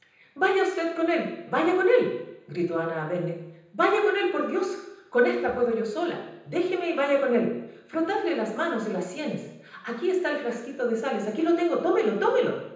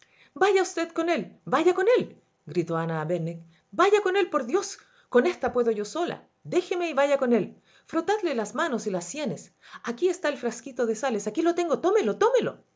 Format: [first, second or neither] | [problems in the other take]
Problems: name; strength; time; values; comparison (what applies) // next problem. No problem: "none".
second | room echo; dies away in 0.9 s